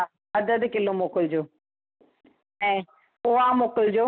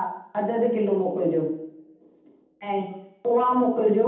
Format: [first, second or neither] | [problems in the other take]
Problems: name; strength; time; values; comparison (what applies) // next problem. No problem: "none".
first | room echo; dies away in 0.8 s